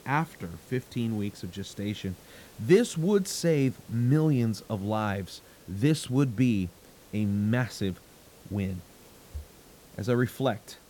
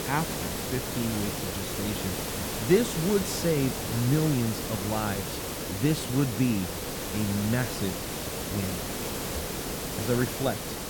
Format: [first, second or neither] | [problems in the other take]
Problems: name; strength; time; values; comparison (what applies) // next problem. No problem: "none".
first | hiss; loud; throughout; 3 dB below the speech; faint in the first